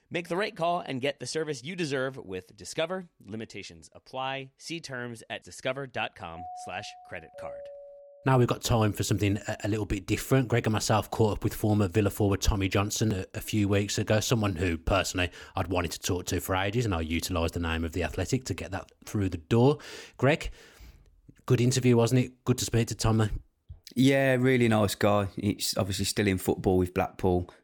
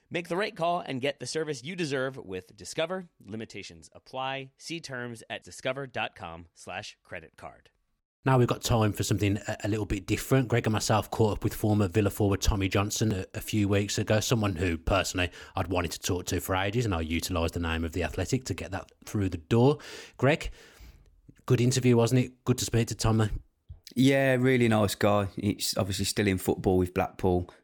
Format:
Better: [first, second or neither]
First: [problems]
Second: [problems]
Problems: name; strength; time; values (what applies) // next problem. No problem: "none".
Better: second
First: doorbell; faint; from 6.5 to 8.5 s; peak 15 dB below the speech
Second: none